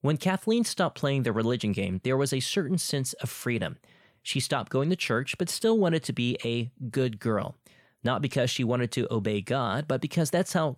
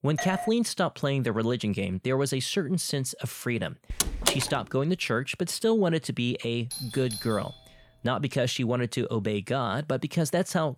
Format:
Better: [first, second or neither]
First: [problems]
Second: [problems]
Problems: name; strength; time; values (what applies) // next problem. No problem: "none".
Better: first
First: none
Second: doorbell; noticeable; at the start and from 6.5 to 8 s; peak 5 dB below the speech // door banging; loud; at 4 s; peak 3 dB above the speech